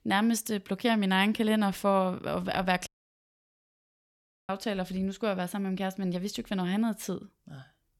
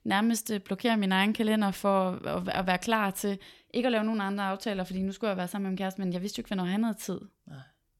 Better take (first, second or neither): second